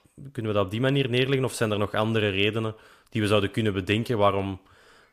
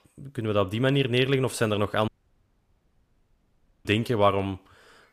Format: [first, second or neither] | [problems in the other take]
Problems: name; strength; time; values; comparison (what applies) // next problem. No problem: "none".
first | audio cutting out; at 2 s for 2 s